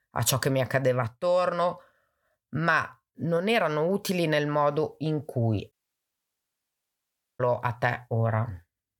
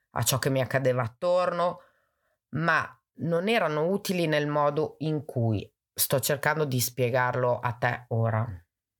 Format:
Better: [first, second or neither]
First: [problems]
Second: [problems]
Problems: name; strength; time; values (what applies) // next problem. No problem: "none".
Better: second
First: audio cutting out; at 5.5 s for 1.5 s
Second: none